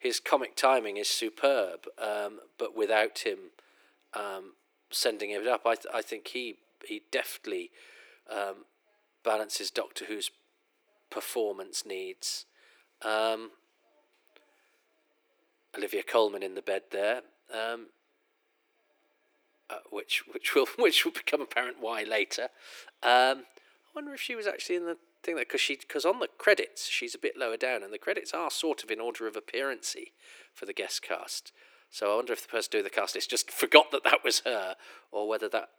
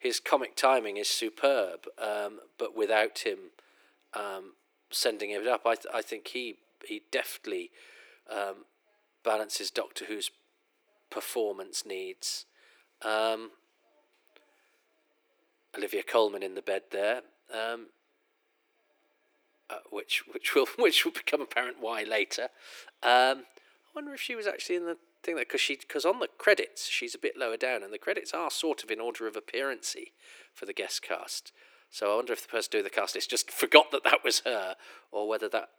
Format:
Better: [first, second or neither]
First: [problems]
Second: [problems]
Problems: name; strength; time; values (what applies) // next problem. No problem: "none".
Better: neither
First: thin; very; fading below 350 Hz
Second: thin; very; fading below 350 Hz